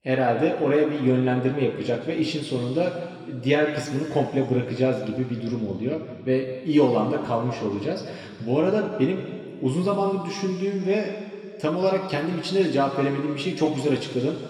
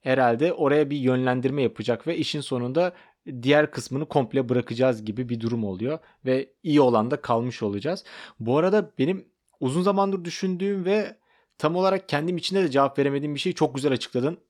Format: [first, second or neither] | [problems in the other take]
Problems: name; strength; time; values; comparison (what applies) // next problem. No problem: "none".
second | room echo; noticeable; dies away in 2.2 s // off-mic speech; somewhat distant